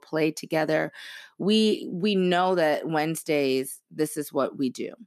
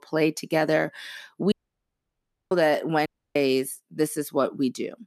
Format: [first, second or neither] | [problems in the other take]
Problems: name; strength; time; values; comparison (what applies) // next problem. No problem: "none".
first | audio cutting out; at 1.5 s for 1 s and at 3 s